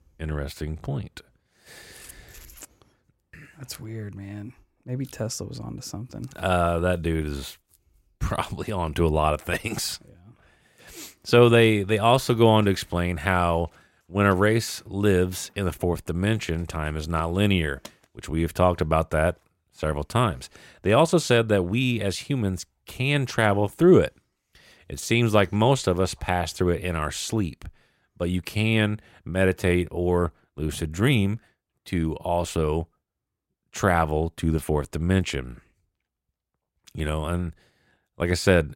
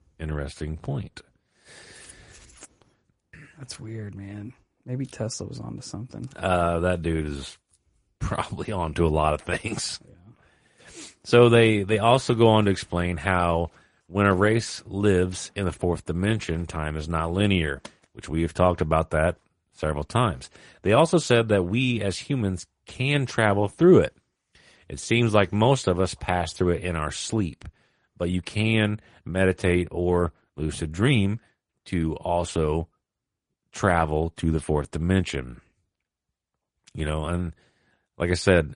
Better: first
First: none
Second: garbled, watery; slightly; nothing above 10.5 kHz

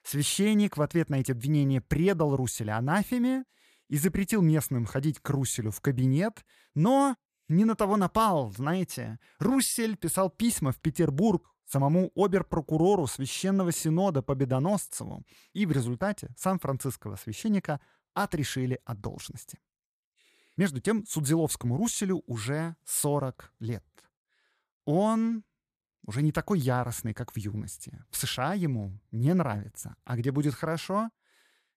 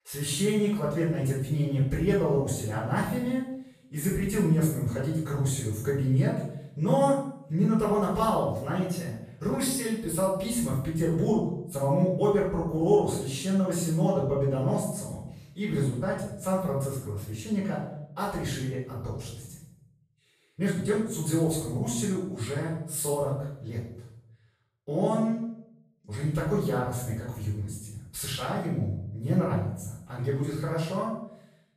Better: first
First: none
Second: off-mic speech; far // room echo; noticeable; dies away in 0.6 s

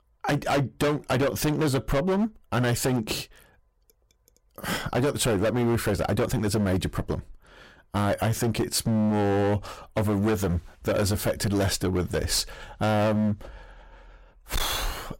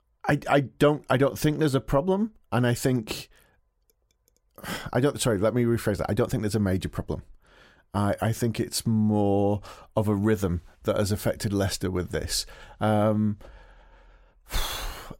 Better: second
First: distortion; heavy; 17% of the sound clipped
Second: none

